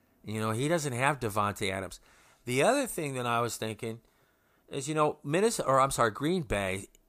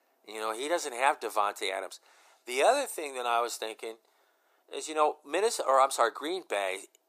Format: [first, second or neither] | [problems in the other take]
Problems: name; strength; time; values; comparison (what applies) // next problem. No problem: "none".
first | thin; very; fading below 350 Hz